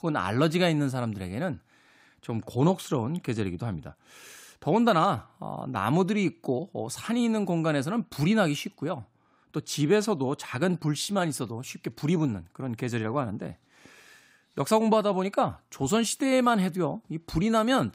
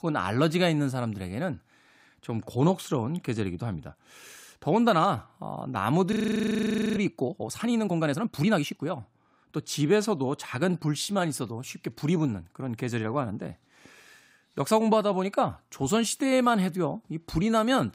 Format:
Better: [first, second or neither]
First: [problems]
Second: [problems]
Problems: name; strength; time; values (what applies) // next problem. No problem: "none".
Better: first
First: none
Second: audio freezing; at 6 s for 1 s